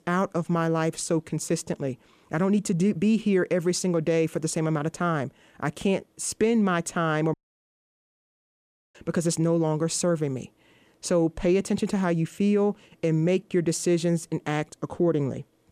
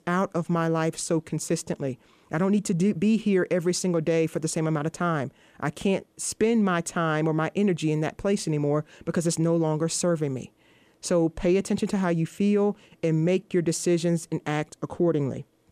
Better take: second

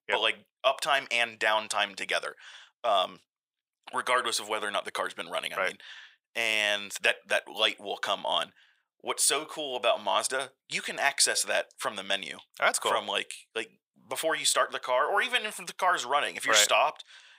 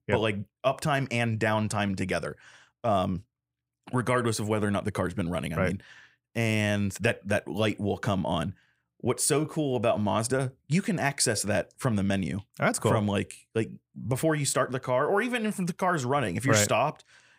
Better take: second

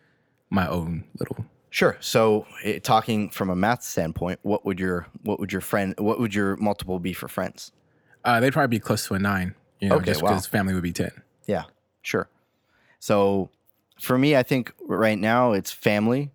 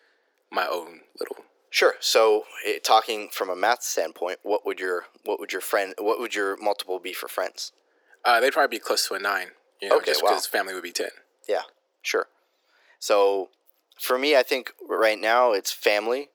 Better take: first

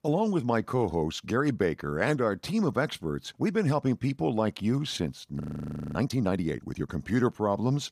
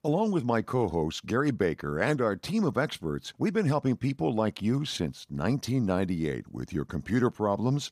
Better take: second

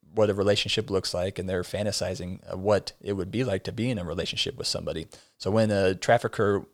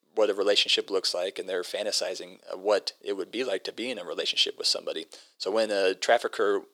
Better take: first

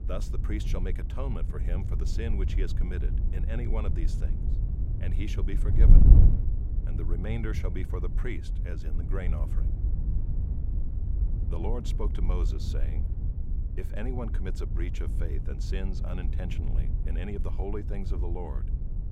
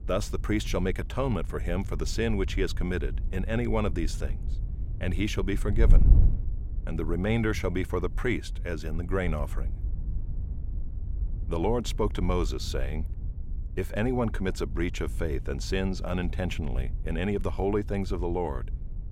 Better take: second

